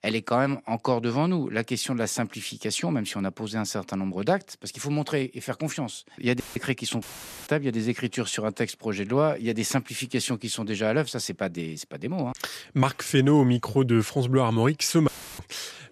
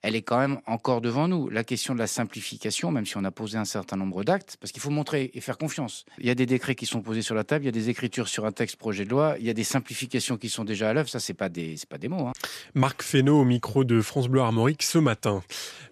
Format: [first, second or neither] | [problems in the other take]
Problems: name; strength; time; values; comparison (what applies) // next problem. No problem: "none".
second | audio cutting out; filled with static; at 6.5 s, at 7 s and at 15 s